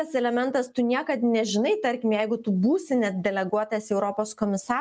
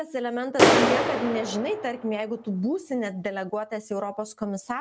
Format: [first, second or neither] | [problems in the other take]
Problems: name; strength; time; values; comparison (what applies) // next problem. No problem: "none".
first | background sound (Clapping); 3 dB above the speech